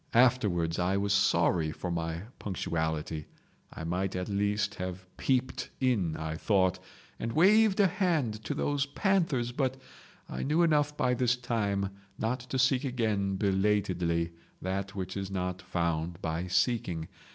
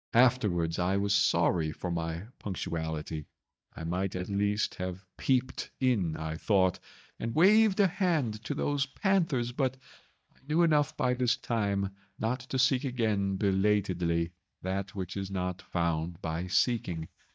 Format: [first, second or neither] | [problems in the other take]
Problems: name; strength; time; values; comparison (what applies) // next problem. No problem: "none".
first | noise reduction (neural mask model DeepFilterNet 3)